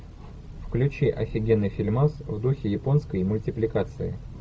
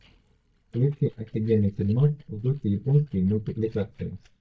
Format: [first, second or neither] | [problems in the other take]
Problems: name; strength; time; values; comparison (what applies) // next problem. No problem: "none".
first | noise reduction (neural mask model DeepFilterNet 3)